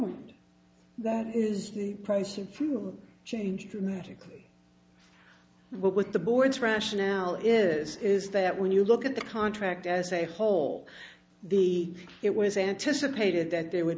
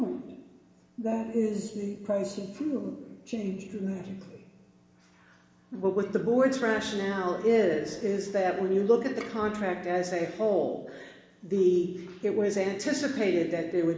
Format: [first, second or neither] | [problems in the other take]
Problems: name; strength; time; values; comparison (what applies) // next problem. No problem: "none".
first | room echo; dies away in 1.2 s